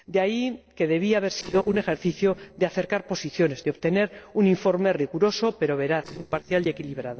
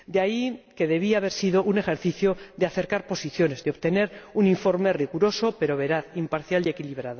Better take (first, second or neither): second